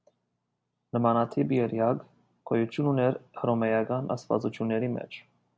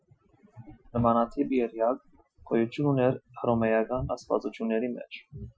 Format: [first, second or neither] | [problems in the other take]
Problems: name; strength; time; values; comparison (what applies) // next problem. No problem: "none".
first | noise reduction (classical method Wiener filter)